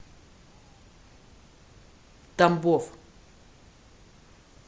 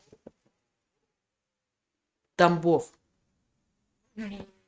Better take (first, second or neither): first